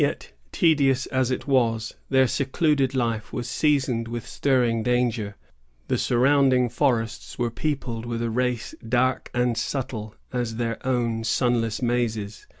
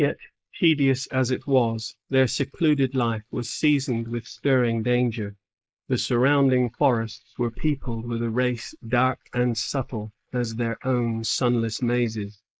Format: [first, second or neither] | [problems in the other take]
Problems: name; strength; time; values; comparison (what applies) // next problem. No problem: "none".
first | noise reduction (neural mask model Resemble Enhance denoiser)